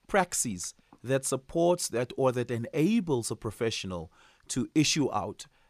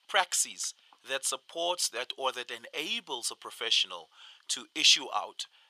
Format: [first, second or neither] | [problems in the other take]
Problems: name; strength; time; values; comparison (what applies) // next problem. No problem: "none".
first | thin; very; fading below 950 Hz